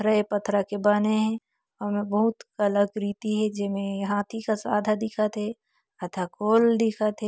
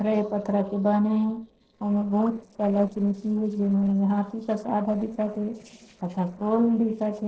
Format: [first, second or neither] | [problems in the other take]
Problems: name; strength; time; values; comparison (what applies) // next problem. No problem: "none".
first | noise reduction (neural separator model SepFormer DNS4)